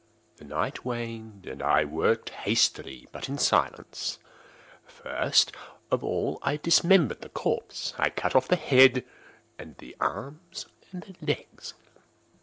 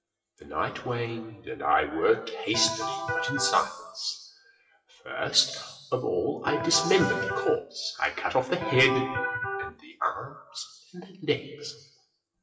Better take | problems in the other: first | noise reduction (classical method WPE with log-MMSE)

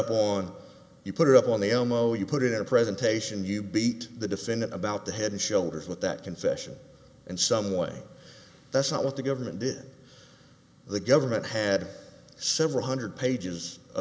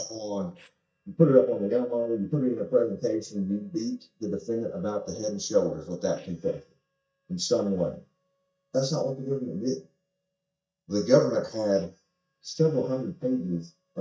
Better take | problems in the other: first | noise reduction (neural mask model DeepFilterNet 3)

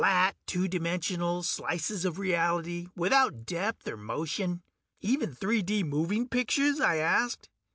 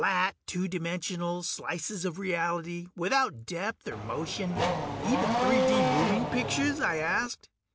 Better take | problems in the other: first | background sound (Race car, auto racing / Accelerating, revving, vroom); 2 dB above the speech

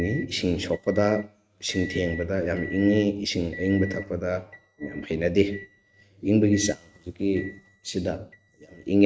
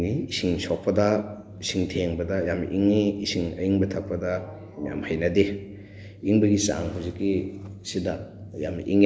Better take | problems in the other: second | noise reduction (neural mask model RNNoise)

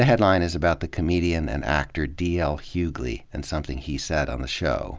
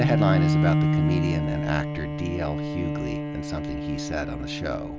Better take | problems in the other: first | background sound (Bowed string instrument); 4 dB above the speech

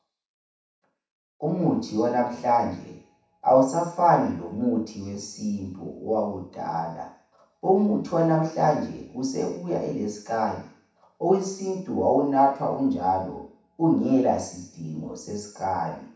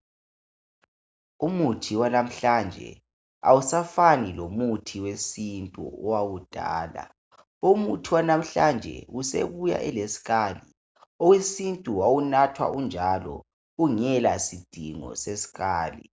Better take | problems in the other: second | room echo; dies away in 0.7 s

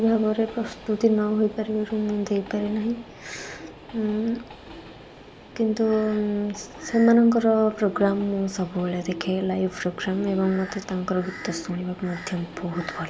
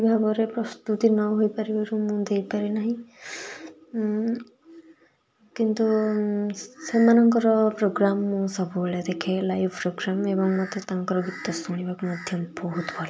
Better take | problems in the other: second | background sound (Train); 19 dB below the speech

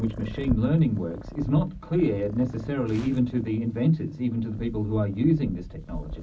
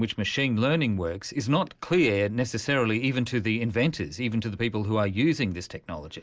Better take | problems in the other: second | background sound (Purr); 12 dB below the speech // room echo; dies away in 0.4 s

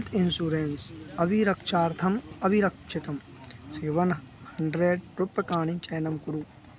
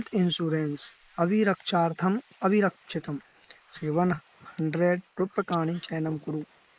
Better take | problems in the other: first | noise reduction (neural mask model Resemble Enhance denoiser)

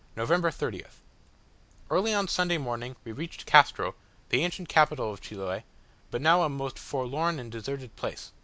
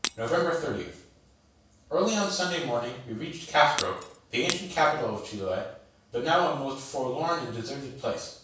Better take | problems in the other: first | background sound (Shatter); 8 dB below the speech // room echo; dies away in 0.7 s

